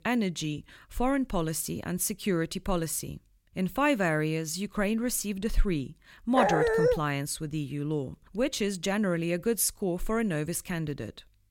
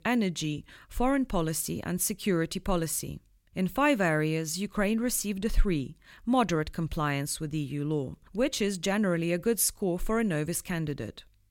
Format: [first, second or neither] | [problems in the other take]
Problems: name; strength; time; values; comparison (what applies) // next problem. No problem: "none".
second | dog barking; loud; at 6.5 s; peak 5 dB above the speech